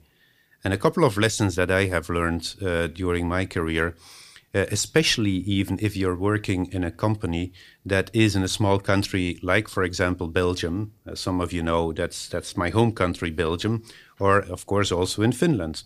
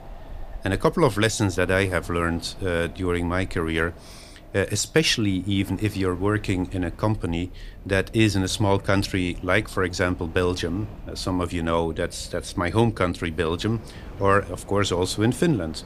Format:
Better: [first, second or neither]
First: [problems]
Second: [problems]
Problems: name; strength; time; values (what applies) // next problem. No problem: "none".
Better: first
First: none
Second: wind in the background; noticeable; throughout; 20 dB below the speech